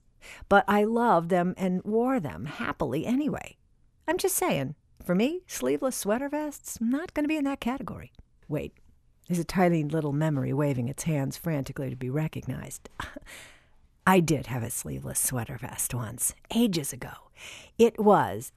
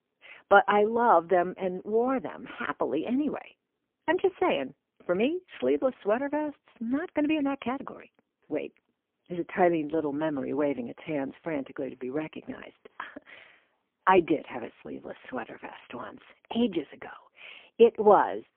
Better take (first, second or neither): first